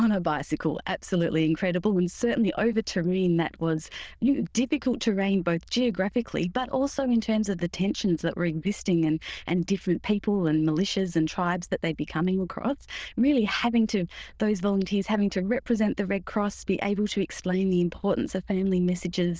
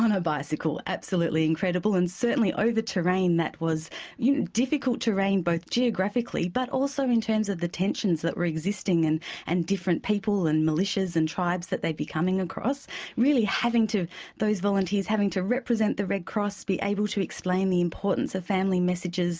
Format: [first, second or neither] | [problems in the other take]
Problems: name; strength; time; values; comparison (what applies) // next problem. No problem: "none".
second | noise reduction (neural diffusion model UNIVERSE++)